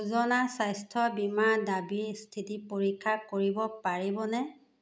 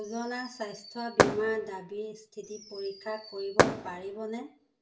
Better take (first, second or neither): first